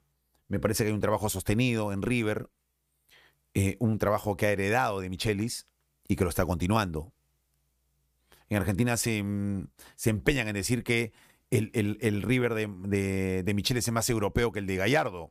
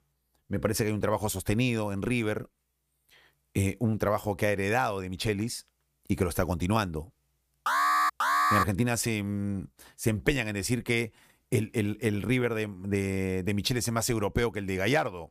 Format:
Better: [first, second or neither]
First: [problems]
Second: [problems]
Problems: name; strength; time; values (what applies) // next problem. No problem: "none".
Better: first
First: none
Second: alarm; loud; at 7.5 s; peak 5 dB above the speech